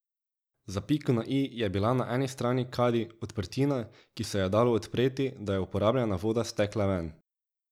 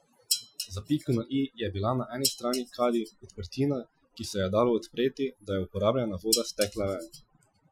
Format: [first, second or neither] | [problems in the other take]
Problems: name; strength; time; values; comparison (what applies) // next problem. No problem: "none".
first | noise reduction (classical method Wiener filter)